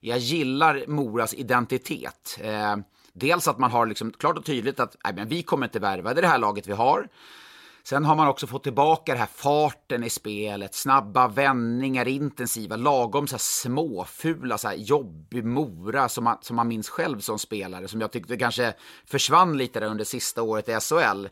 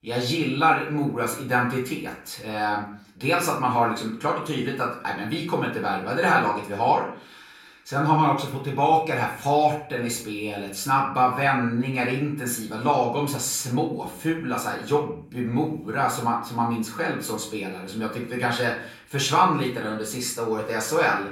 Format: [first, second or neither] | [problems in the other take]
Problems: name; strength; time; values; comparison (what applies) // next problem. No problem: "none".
first | room echo; slight; dies away in 0.5 s // off-mic speech; far